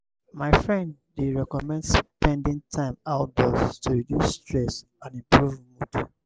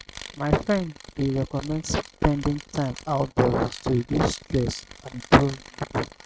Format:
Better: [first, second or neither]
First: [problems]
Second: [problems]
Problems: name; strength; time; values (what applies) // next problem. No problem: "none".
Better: first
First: none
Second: noise reduction (neural mask model RNNoise)